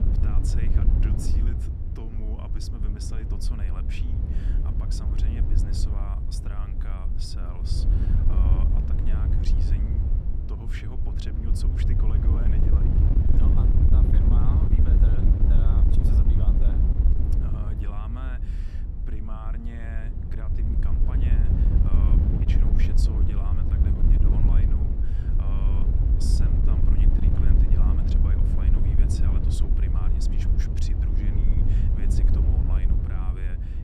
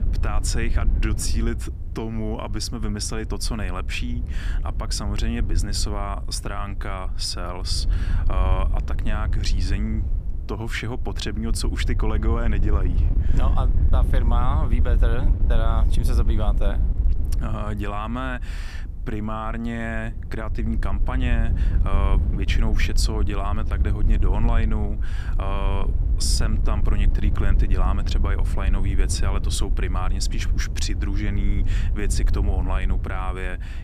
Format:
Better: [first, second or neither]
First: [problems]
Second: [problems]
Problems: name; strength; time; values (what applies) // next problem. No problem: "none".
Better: second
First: wind noise on the microphone; heavy; 4 dB above the speech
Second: wind noise on the microphone; occasional gusts; 10 dB below the speech